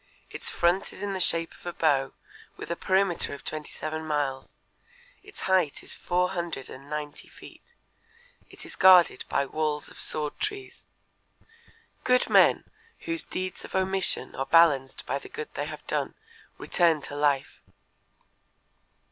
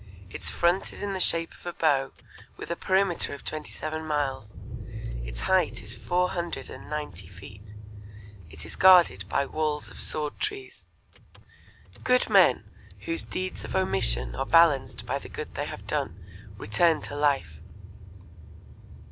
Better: first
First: none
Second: background sound (Engine / Car); 11 dB below the speech

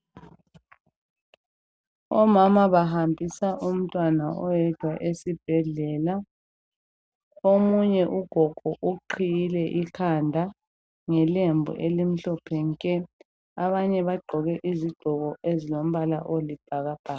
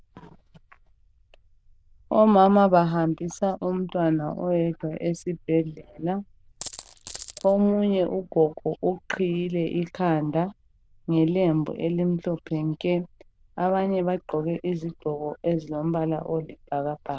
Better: first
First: none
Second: noise reduction (neural diffusion model UNIVERSE++)

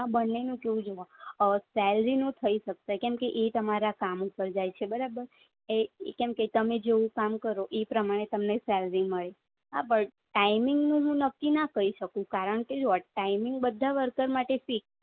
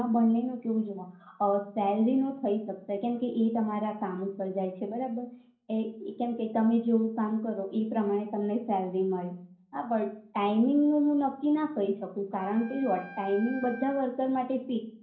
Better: first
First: none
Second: background sound (Wind instrument, woodwind instrument); 17 dB below the speech // room echo; dies away in 0.6 s

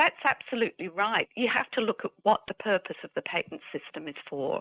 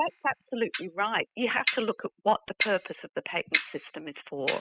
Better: first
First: none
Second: noise reduction (classical method spectral subtraction)

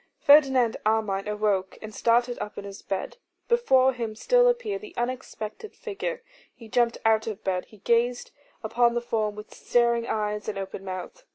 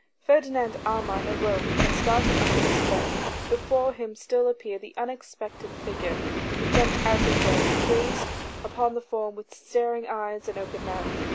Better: first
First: none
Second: background sound (Waves, surf); as loud as the speech

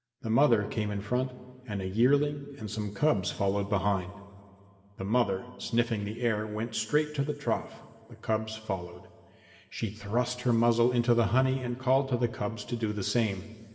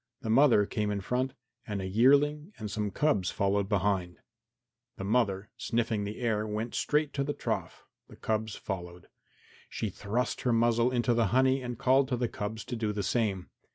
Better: second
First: room echo; dies away in 1.9 s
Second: none

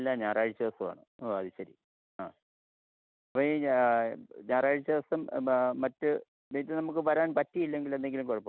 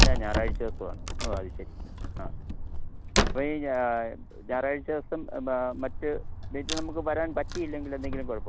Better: first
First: none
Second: background sound (Wood); 2 dB above the speech

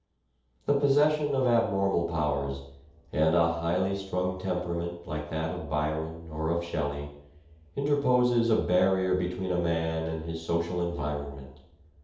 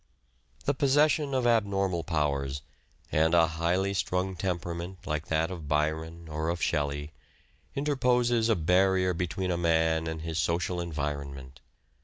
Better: second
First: room echo; dies away in 0.8 s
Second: none

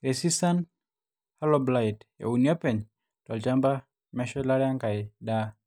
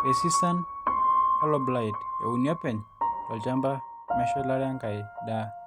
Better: first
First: none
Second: background sound (Piano); 1 dB above the speech

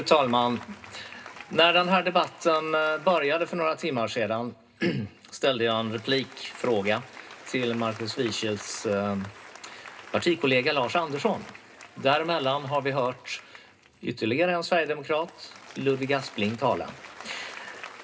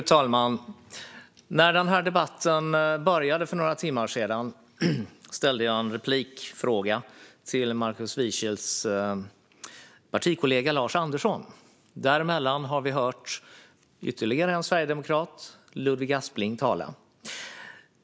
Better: second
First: background sound (Applause); 19 dB below the speech // room echo; dies away in 0.2 s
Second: none

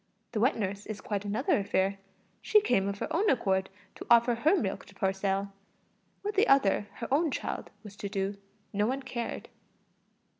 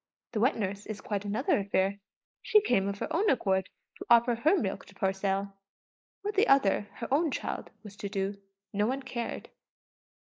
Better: first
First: none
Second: noise reduction (neural mask model Resemble Enhance denoiser)

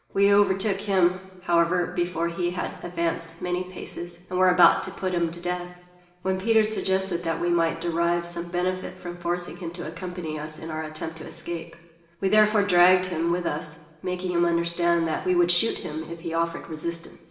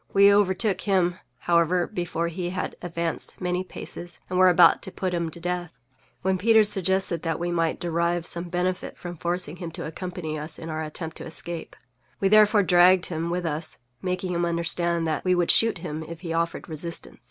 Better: second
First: room echo; dies away in 1.1 s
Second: none

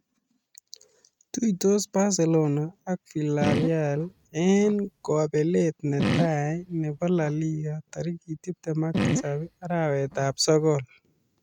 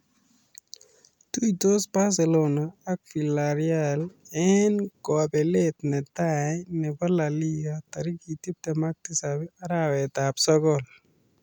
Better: second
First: noise reduction (neural mask model RNNoise)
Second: none

